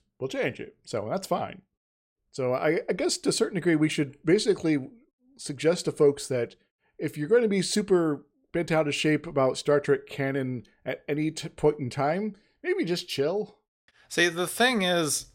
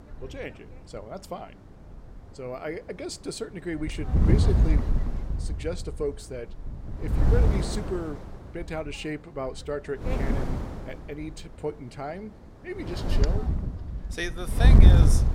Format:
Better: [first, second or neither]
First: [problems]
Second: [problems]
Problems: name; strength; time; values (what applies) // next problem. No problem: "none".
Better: first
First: none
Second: wind noise on the microphone; heavy; 1 dB below the speech